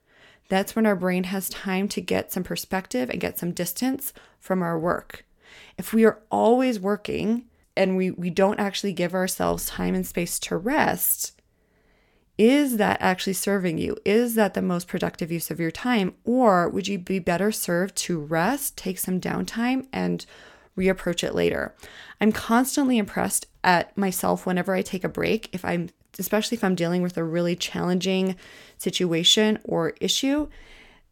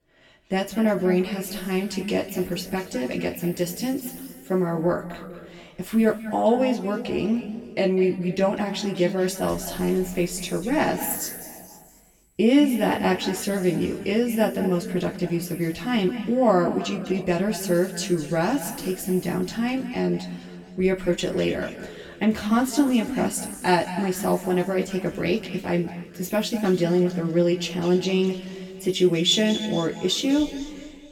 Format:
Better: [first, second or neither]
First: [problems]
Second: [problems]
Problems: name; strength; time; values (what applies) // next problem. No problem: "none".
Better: first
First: none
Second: room echo; noticeable; dies away in 2 s // off-mic speech; far